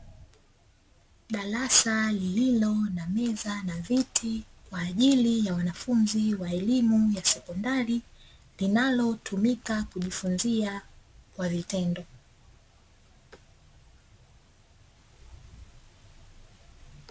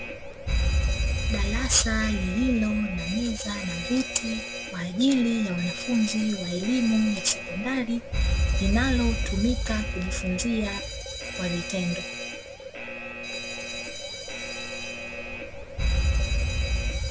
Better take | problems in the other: first | background sound (Alarm); as loud as the speech

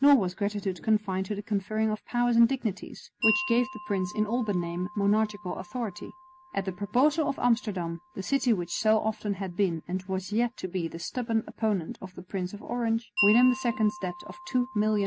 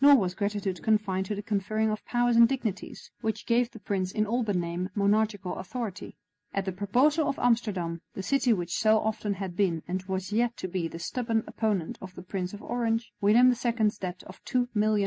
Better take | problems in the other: second | background sound (Wind chime); 13 dB below the speech

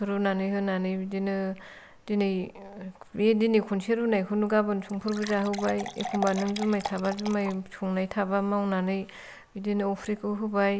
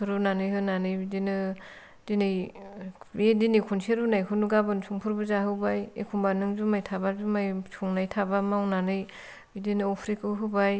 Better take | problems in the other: second | background sound (Fill (with liquid) / Water); 10 dB below the speech

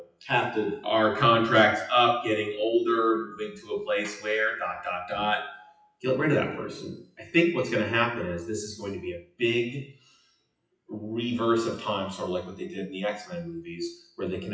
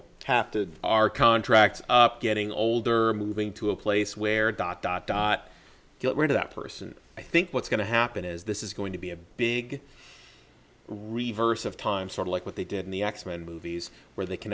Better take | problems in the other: second | noise reduction (classical method WPE with log-MMSE)

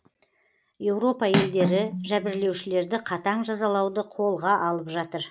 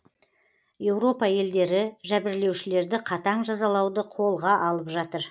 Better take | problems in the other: second | background sound (Cutlery, silverware); 5 dB below the speech

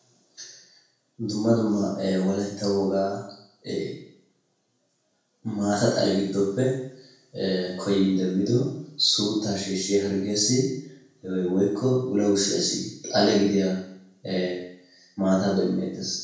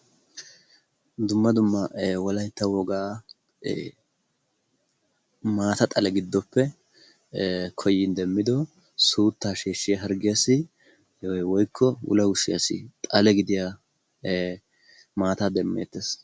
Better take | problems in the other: second | room echo; dies away in 0.7 s

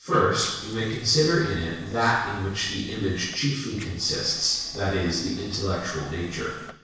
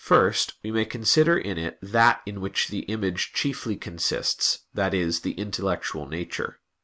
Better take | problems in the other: second | noise reduction (neural separator model SepFormer DNS4)

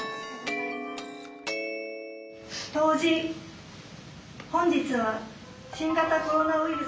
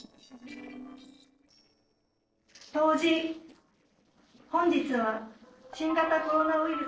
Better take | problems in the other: first | noise reduction (neural separator model SepFormer DNS4)

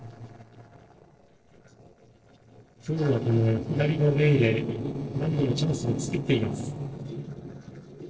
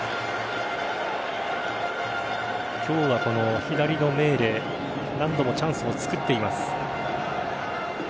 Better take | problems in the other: second | noise reduction (neural separator model SepFormer DNS4)

